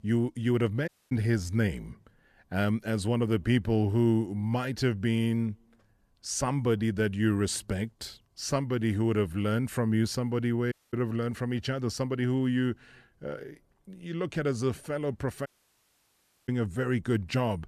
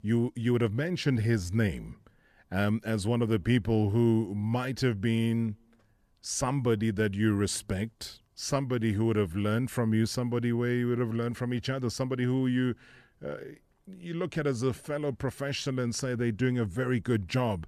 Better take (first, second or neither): second